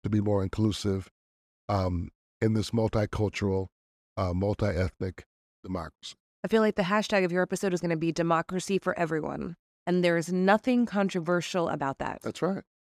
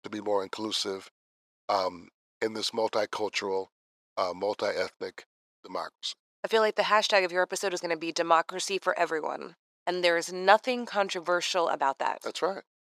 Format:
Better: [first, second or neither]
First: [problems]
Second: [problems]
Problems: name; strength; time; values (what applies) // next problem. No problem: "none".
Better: first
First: none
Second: thin; very; fading below 550 Hz